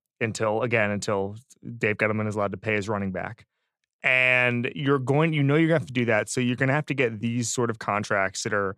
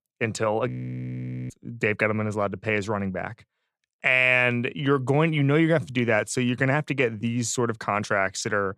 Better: first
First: none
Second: audio freezing; at 0.5 s for 1 s

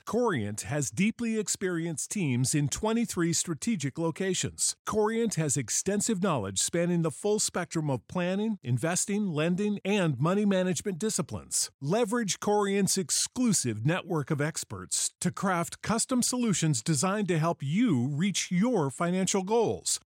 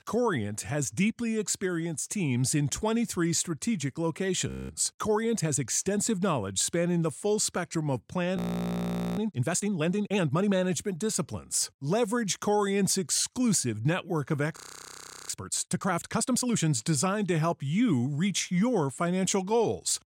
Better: first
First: none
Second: audio freezing; at 4.5 s, at 8.5 s for 1 s and at 15 s for 0.5 s

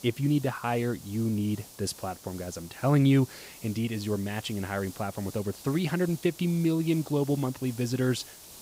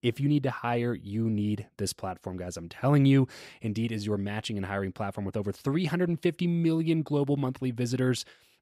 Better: second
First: hiss; noticeable; throughout; 15 dB below the speech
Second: none

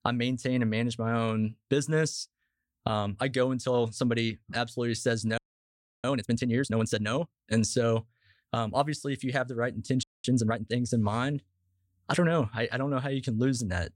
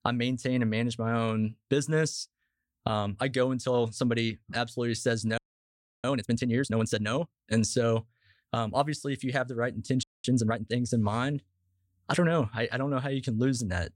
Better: neither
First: audio freezing; at 5.5 s for 0.5 s and at 10 s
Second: audio freezing; at 5.5 s for 0.5 s and at 10 s

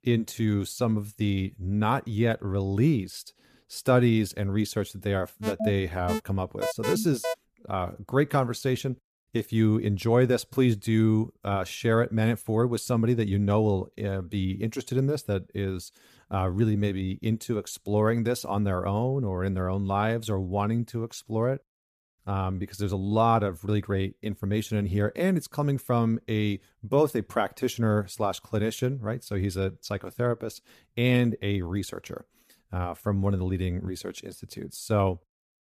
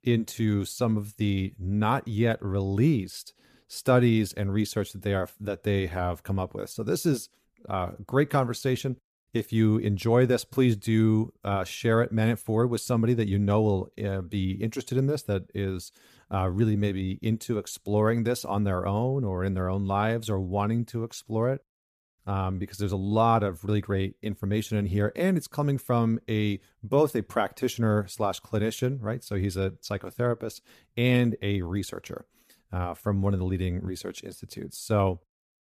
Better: second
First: alarm; noticeable; from 5.5 to 7.5 s; peak 3 dB below the speech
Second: none

